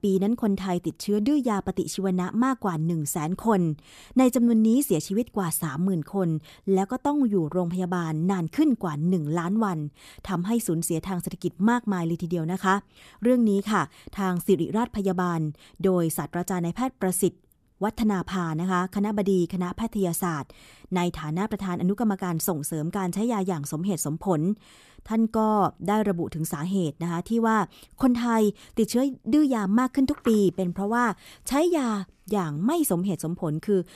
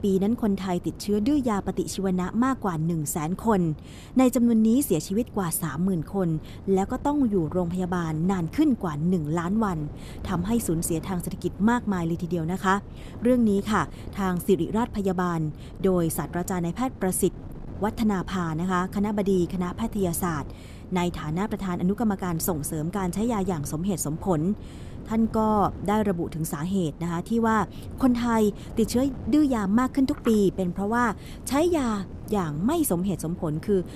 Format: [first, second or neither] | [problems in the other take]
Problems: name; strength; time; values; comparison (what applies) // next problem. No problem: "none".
first | wind noise on the microphone; occasional gusts; 20 dB below the speech